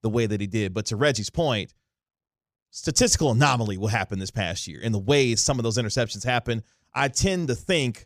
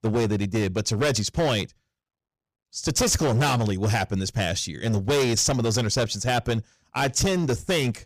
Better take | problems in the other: first | distortion; heavy; 16% of the sound clipped

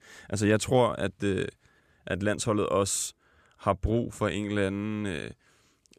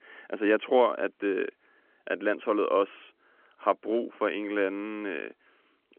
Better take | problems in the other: first | phone-call audio

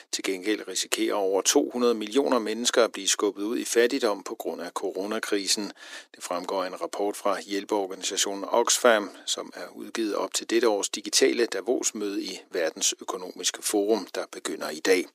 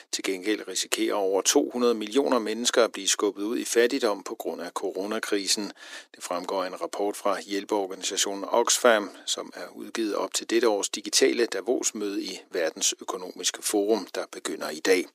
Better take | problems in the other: neither | thin; very; fading below 300 Hz; the same in both

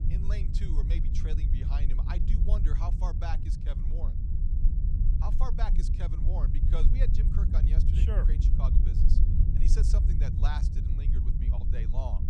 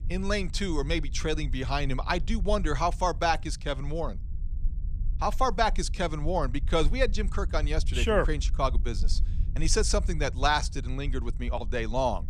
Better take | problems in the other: second | low rumble; loud; throughout; 2 dB below the speech; faint in the second

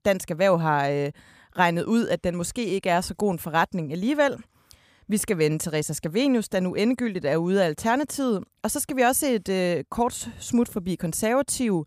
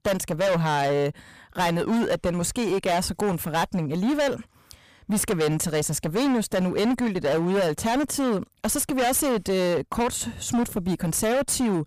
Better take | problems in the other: first | distortion; heavy; 21% of the sound clipped

